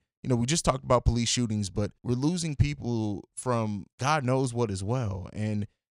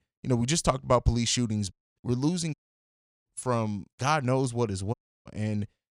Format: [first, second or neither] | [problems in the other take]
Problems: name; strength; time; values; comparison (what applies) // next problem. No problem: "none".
first | audio cutting out; at 1.5 s, at 2.5 s for 0.5 s and at 5 s